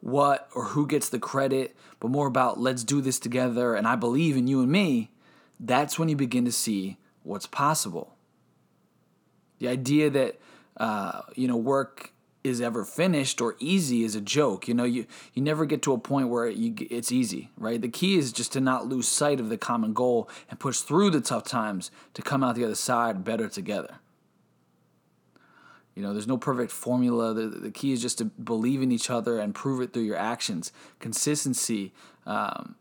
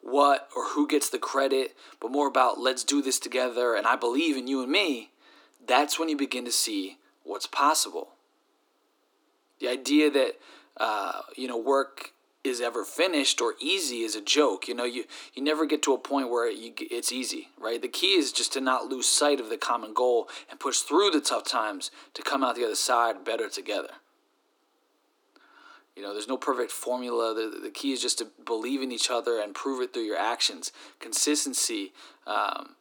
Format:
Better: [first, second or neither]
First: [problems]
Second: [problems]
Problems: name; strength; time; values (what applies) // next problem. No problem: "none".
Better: first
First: none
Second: thin; somewhat; fading below 300 Hz